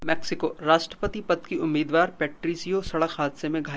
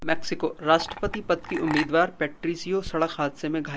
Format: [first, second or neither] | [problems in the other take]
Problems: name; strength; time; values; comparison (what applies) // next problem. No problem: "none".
first | background sound (Chink, clink); 9 dB below the speech